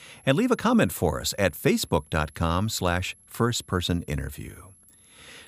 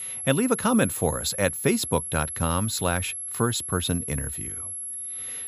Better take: first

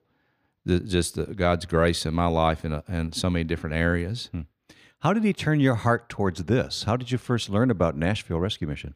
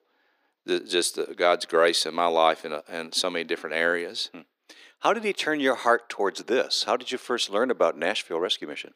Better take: first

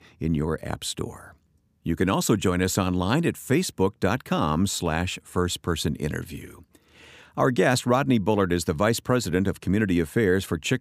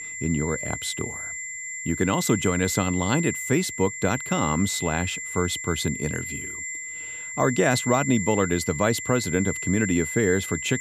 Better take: first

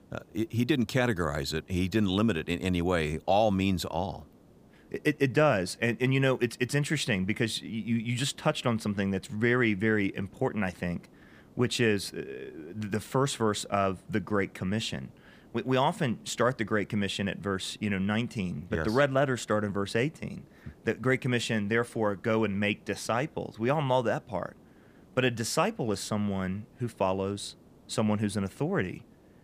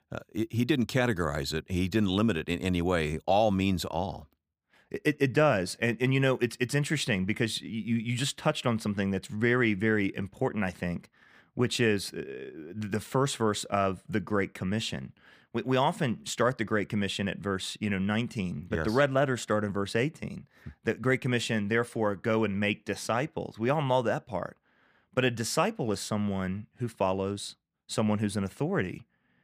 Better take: second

